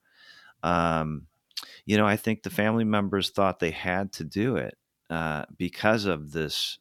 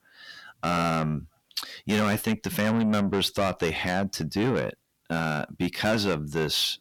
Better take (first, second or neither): first